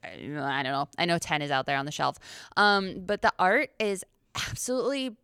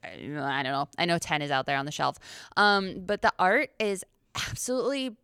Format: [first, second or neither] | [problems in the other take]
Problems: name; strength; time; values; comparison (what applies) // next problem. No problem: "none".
neither | none